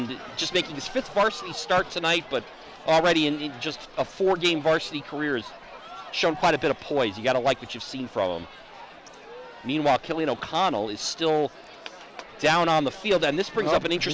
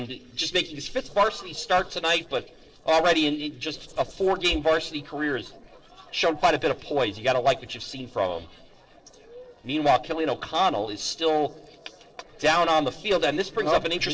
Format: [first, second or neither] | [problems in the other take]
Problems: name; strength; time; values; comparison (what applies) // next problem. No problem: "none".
first | noise reduction (neural separator model SepFormer DNS4)